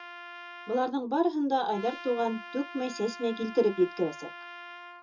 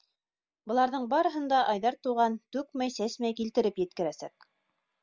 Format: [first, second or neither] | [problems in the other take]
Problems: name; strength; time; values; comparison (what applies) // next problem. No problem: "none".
second | background sound (Trumpet); 14 dB below the speech // room echo; dies away in 0.2 s